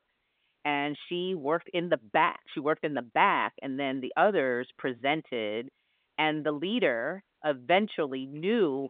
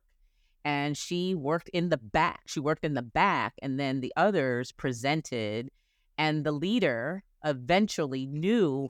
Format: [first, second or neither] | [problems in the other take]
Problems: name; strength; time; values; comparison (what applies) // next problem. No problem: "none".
second | phone-call audio